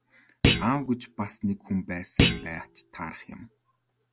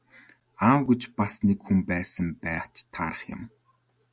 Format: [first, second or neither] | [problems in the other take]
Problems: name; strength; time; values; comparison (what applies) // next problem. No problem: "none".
second | background sound (Thump, thud); 3 dB above the speech